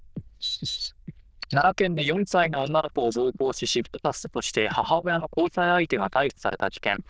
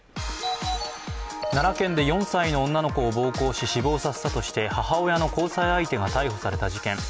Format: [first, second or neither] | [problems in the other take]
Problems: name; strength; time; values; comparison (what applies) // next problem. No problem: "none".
second | noise reduction (neural diffusion model UNIVERSE++)